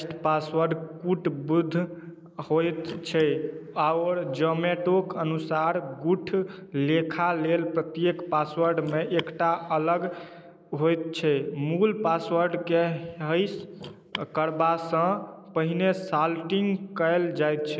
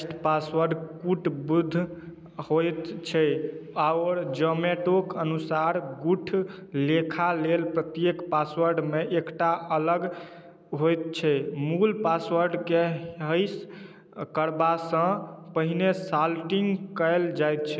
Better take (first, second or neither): second